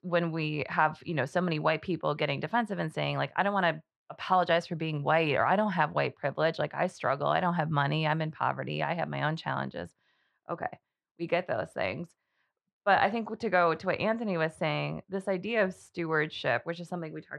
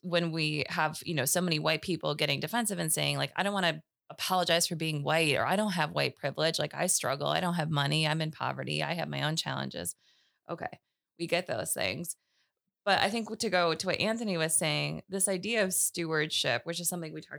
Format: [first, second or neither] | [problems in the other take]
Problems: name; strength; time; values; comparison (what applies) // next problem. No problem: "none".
second | muffled; very; fading above 2 kHz